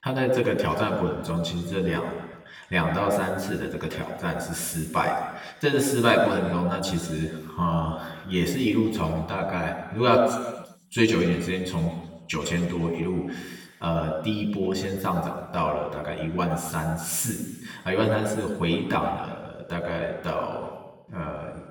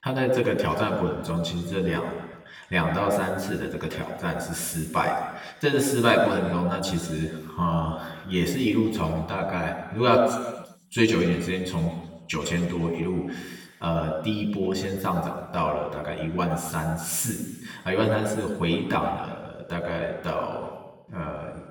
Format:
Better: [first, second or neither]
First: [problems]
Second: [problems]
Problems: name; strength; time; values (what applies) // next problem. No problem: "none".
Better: neither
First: room echo; noticeable; dies away in 1.3 s // off-mic speech; somewhat distant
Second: room echo; noticeable; dies away in 1.3 s // off-mic speech; somewhat distant